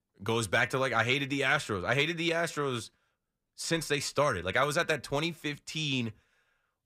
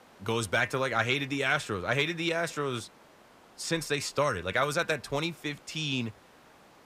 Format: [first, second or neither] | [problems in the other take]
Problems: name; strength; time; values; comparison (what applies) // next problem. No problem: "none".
first | hiss; faint; throughout; 25 dB below the speech